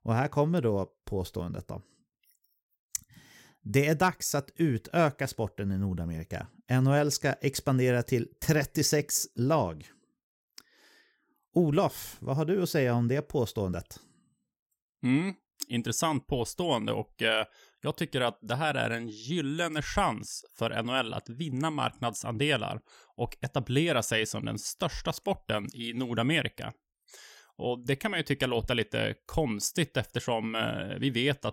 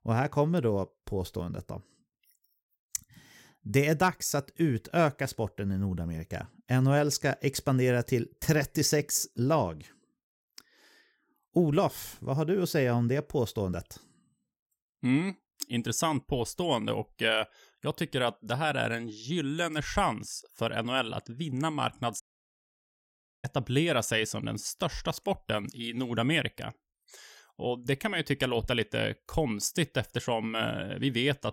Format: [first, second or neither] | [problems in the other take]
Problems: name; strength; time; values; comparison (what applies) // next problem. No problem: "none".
first | audio cutting out; at 22 s for 1 s